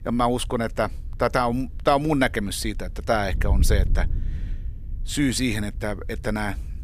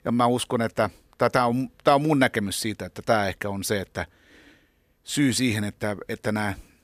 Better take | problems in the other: second | wind noise on the microphone; occasional gusts; 25 dB below the speech

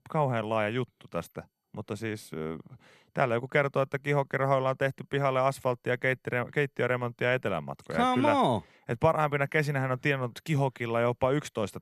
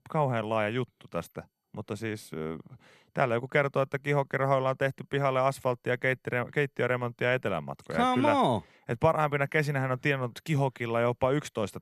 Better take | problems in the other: neither | none

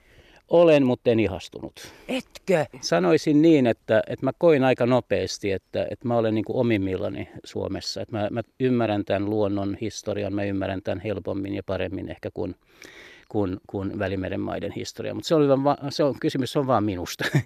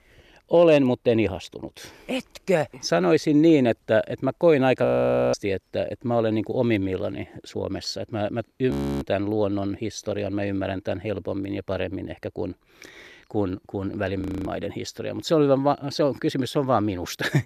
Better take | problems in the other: first | audio freezing; at 5 s, at 8.5 s and at 14 s

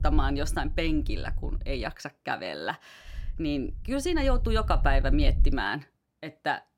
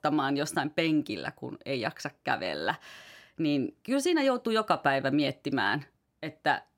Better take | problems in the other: second | low rumble; faint; until 2 s and from 3 to 5.5 s; 20 dB below the speech

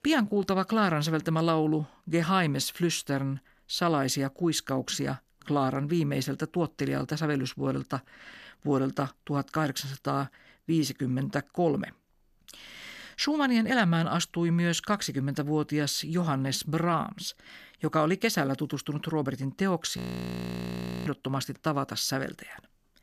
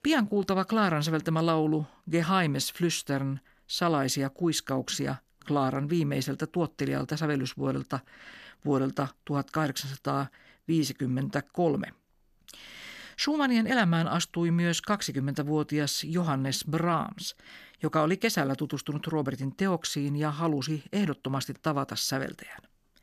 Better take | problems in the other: second | audio freezing; at 20 s for 1 s

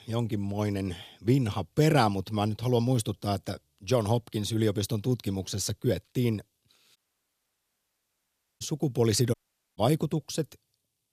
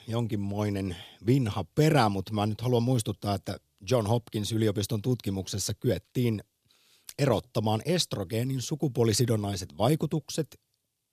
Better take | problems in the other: second | audio cutting out; at 7 s for 1.5 s and at 9.5 s

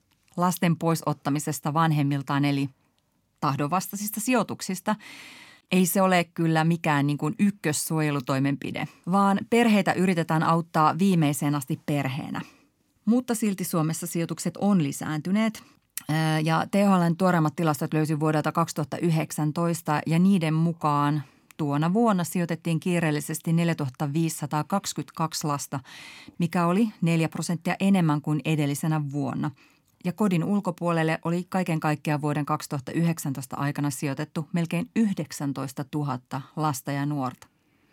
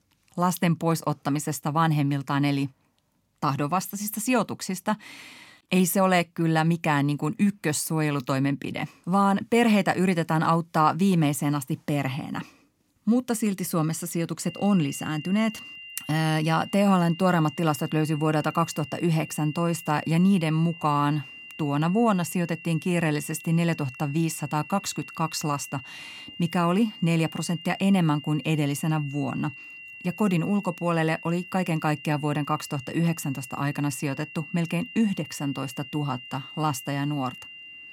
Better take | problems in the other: first | high-pitched whine; noticeable; from 14 s on; 3 kHz, 15 dB below the speech

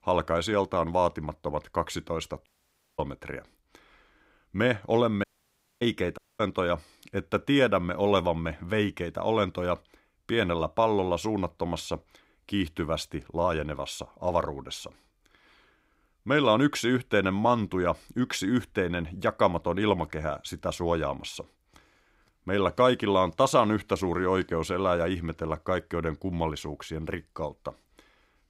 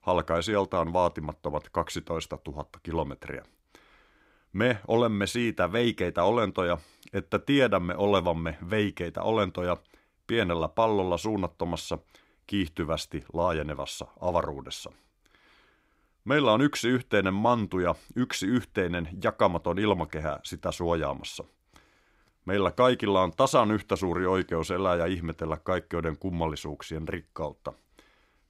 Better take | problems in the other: second | audio cutting out; at 2.5 s for 0.5 s, at 5 s for 0.5 s and at 6 s

